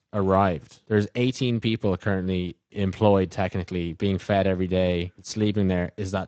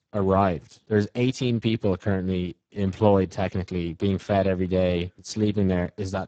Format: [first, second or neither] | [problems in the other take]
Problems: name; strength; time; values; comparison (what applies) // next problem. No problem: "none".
first | garbled, watery; badly; nothing above 7.5 kHz; slightly in the first